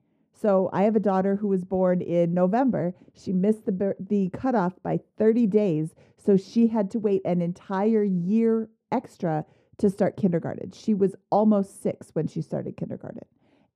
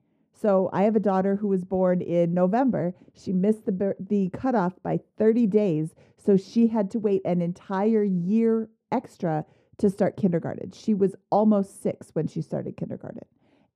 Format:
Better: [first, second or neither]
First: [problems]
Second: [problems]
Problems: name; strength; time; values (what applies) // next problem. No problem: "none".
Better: neither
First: muffled; very; fading above 1 kHz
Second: muffled; very; fading above 1 kHz